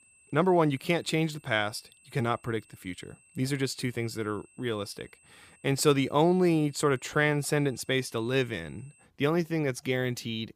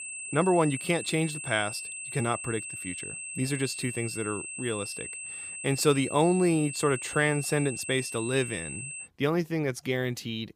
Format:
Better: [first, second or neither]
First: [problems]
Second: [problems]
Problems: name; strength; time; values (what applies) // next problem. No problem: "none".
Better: first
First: high-pitched whine; faint; until 9 s; 2.5 kHz, 30 dB below the speech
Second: high-pitched whine; loud; until 9 s; 2.5 kHz, 7 dB below the speech